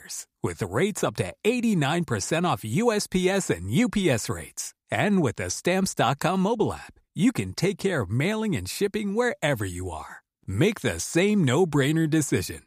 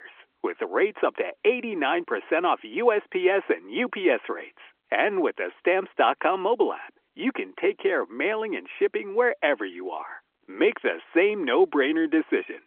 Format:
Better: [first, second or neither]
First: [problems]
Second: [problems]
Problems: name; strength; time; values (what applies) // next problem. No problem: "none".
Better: first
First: none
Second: phone-call audio; nothing above 3.5 kHz